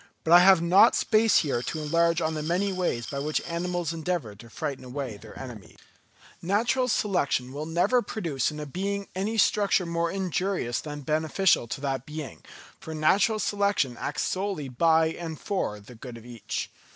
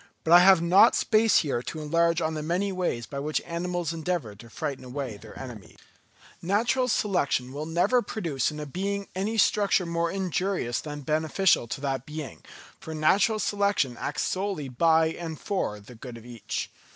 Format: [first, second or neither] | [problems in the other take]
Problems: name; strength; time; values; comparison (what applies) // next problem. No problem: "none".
second | background sound (Glass); 14 dB below the speech